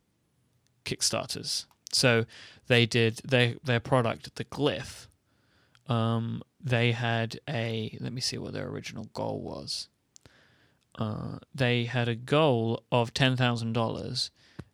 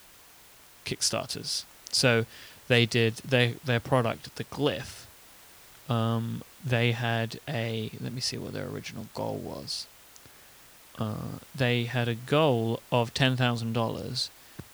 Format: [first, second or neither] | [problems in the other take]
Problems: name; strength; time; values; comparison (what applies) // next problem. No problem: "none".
first | hiss; faint; throughout; 20 dB below the speech